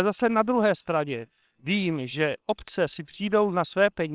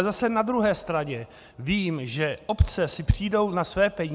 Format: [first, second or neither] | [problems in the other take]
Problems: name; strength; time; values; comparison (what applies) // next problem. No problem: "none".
second | noise reduction (neural separator model SepFormer WHAMR!)